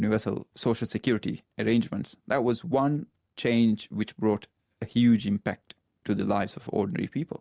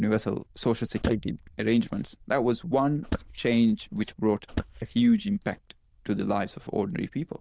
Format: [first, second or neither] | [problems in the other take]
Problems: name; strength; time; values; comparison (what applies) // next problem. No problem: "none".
first | noise reduction (neural diffusion model UNIVERSE++)